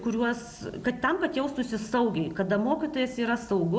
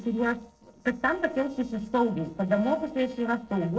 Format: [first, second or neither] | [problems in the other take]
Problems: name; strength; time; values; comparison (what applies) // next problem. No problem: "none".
first | noise reduction (neural separator model SepFormer DNS4)